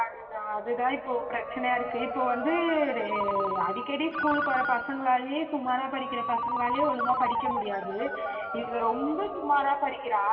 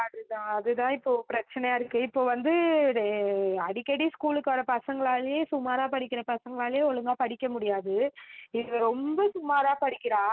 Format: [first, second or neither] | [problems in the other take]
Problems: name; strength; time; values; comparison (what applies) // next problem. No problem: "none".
second | background sound (Ringtone); 4 dB below the speech // room echo; dies away in 2.2 s